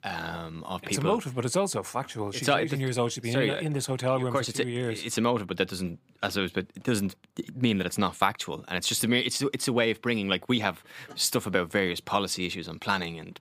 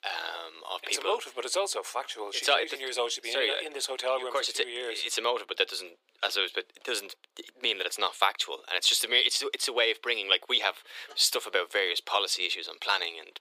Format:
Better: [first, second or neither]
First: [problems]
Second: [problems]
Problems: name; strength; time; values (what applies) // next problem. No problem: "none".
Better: first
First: none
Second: thin; very; fading below 400 Hz